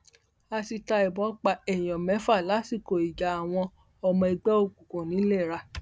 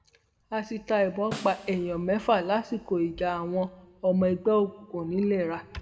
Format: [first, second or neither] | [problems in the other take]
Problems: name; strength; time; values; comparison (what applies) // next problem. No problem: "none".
first | background sound (Snare drum); 17 dB below the speech // room echo; dies away in 1.3 s